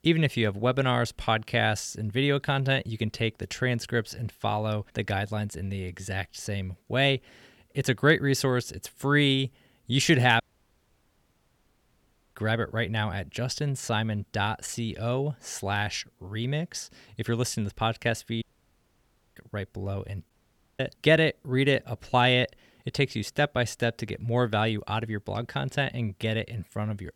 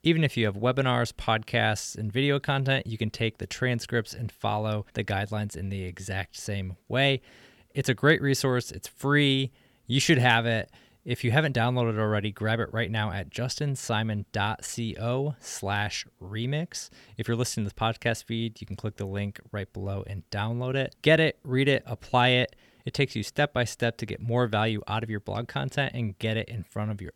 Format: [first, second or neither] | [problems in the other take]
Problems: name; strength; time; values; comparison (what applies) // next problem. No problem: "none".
second | audio cutting out; at 10 s for 2 s, at 18 s for 1 s and at 20 s